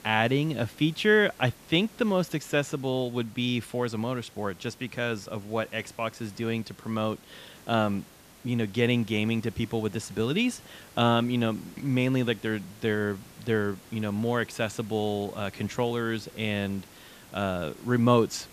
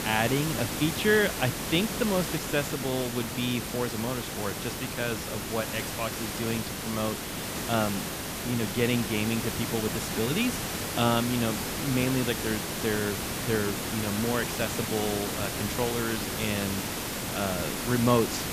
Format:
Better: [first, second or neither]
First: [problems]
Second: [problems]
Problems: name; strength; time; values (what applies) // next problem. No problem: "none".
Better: first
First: hiss; faint; throughout; 20 dB below the speech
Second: hiss; loud; throughout; 2 dB below the speech